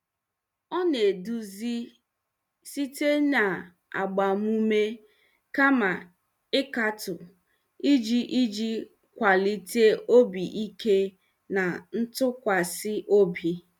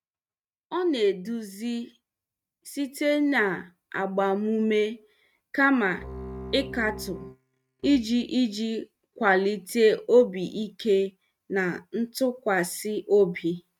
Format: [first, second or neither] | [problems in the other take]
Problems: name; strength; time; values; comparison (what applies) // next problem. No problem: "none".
first | noise reduction (neural mask model RNNoise)